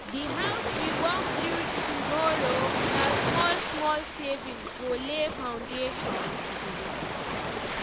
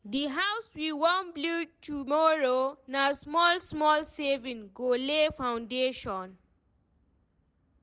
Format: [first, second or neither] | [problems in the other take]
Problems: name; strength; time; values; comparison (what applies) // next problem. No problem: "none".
second | background sound (Ocean); 2 dB above the speech